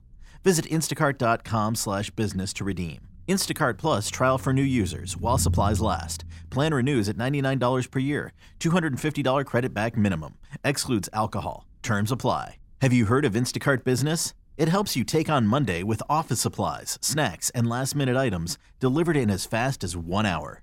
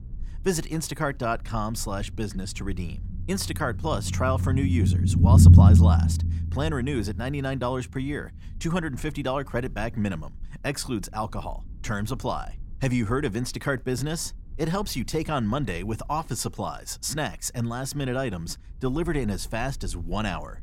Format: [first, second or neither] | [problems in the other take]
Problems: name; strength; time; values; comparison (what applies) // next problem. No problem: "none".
first | low rumble; loud; throughout; 2 dB below the speech; faint in the first